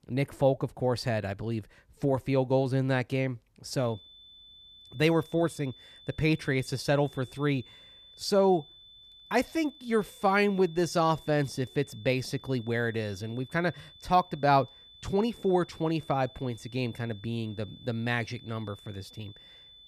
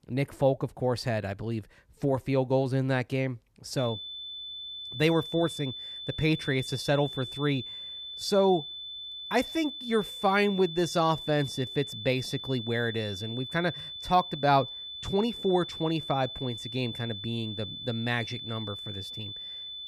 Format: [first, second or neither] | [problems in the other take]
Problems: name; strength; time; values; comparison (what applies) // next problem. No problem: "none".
first | high-pitched whine; loud; from 4 s on; 3.5 kHz, 8 dB below the speech; faint in the first